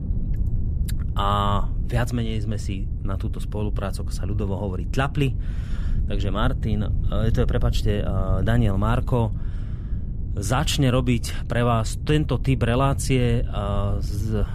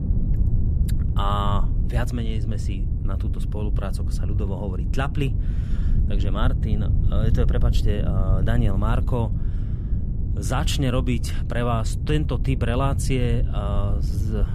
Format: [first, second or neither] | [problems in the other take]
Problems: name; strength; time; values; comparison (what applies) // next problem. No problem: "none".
first | wind noise on the microphone; heavy; 9 dB below the speech; occasional gusts in the first